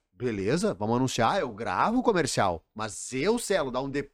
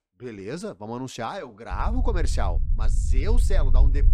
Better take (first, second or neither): first